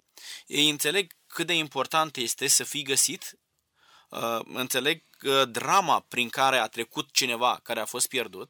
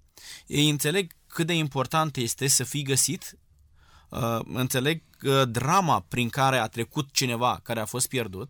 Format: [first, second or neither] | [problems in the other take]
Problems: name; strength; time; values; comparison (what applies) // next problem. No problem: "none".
second | thin; somewhat; fading below 350 Hz